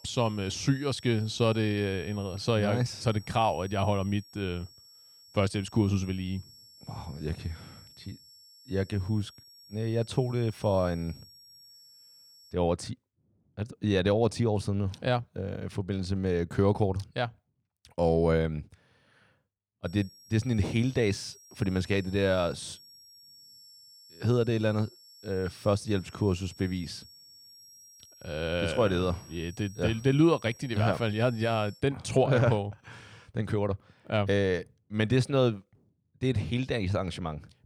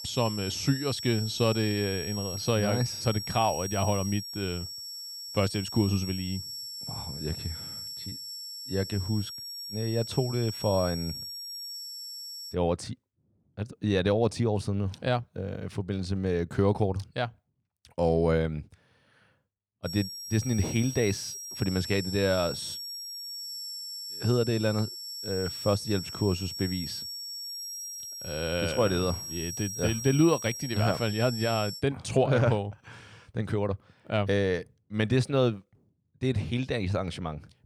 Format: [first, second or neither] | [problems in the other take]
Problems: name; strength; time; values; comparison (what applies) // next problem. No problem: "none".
first | high-pitched whine; loud; until 13 s and from 20 to 32 s; 5.5 kHz, 7 dB below the speech; faint in the first